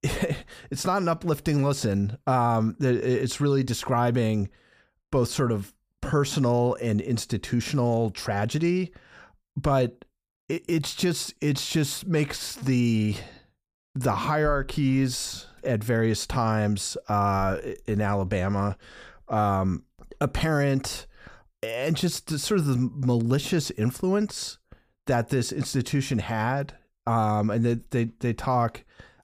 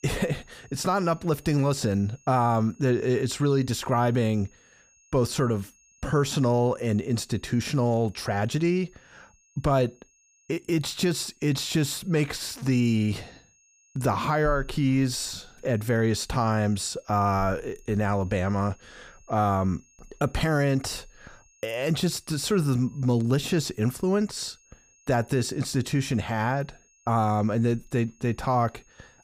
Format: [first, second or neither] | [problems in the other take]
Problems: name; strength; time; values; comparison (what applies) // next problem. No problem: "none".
first | high-pitched whine; faint; throughout; 6.5 kHz, 30 dB below the speech